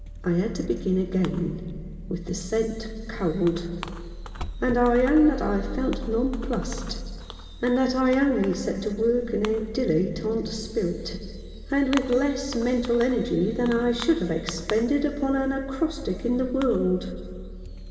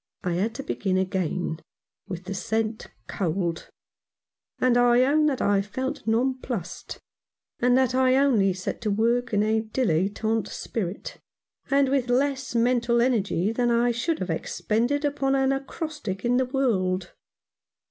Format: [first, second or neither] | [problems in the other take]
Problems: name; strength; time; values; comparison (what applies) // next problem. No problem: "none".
second | background sound (Fireworks); 11 dB below the speech // room echo; dies away in 2.6 s